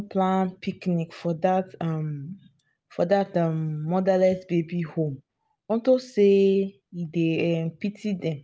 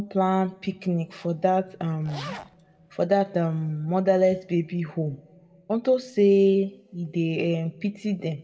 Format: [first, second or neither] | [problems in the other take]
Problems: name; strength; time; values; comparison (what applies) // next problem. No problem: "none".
first | background sound (Zipper (clothing)); 16 dB below the speech // room echo; dies away in 1.7 s